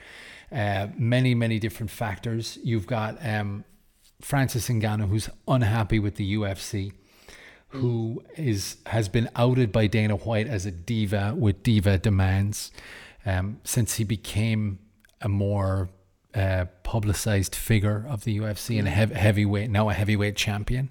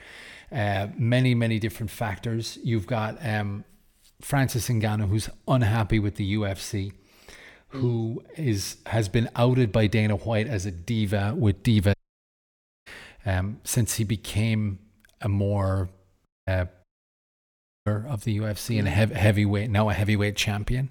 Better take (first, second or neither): first